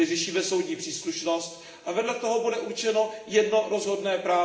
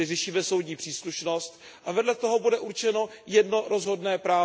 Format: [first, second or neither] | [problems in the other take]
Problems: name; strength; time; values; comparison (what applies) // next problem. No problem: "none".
second | room echo; dies away in 1.2 s